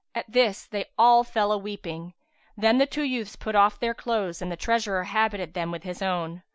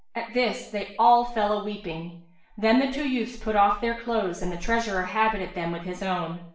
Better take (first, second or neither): first